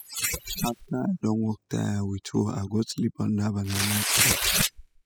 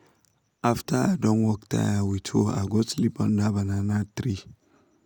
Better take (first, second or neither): second